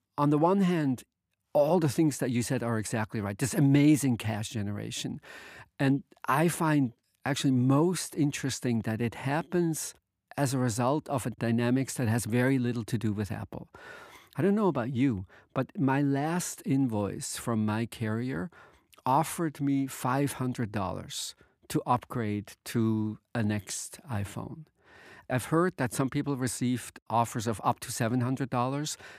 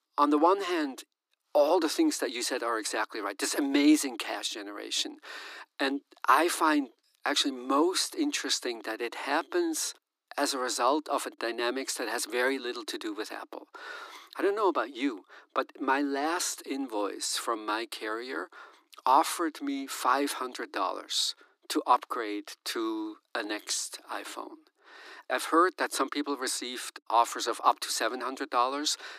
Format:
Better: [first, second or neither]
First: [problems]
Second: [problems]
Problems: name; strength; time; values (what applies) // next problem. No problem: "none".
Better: first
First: none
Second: thin; somewhat; fading below 300 Hz